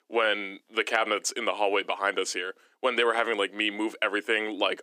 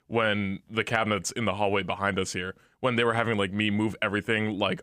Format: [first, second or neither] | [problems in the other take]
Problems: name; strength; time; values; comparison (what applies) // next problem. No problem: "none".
second | thin; somewhat; fading below 300 Hz